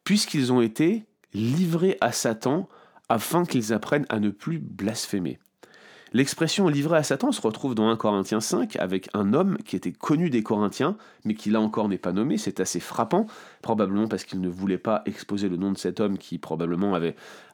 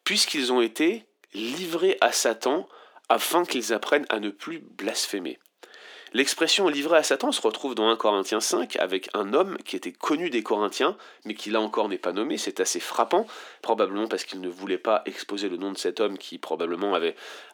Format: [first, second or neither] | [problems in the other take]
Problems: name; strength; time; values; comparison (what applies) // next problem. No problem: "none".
first | thin; somewhat; fading below 350 Hz